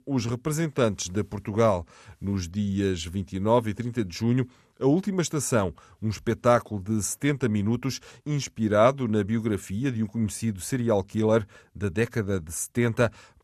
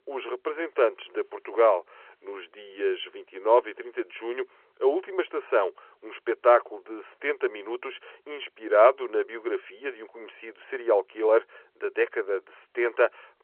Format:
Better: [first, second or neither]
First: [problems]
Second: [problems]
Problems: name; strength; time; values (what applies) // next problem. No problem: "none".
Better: first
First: none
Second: phone-call audio